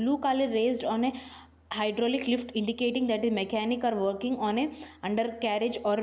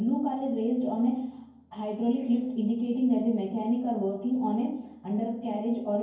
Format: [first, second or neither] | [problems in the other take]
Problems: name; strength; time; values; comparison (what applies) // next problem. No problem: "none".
first | room echo; dies away in 0.9 s